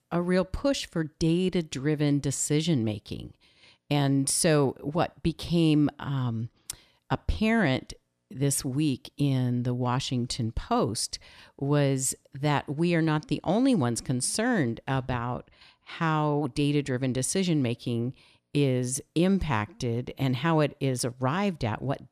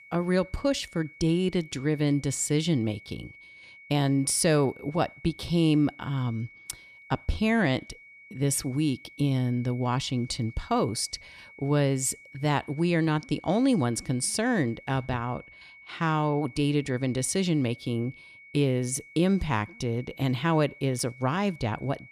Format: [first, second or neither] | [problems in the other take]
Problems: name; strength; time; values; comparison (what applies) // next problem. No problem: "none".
first | high-pitched whine; faint; throughout; 2 kHz, 20 dB below the speech